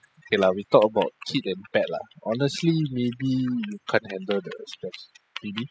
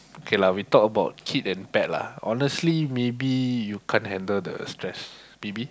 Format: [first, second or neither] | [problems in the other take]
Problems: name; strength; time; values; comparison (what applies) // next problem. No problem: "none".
second | noise reduction (classical method spectral subtraction)